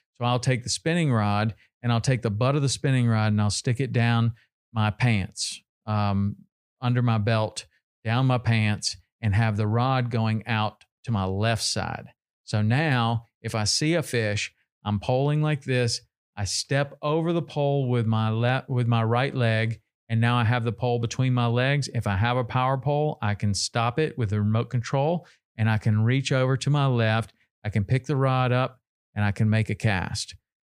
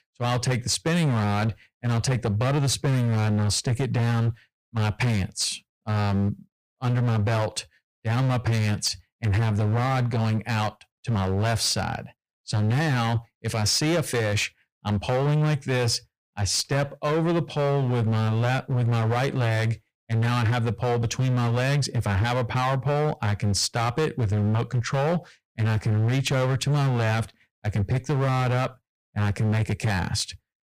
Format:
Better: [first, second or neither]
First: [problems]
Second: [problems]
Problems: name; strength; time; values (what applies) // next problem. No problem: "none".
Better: first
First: none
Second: distortion; heavy; 21% of the sound clipped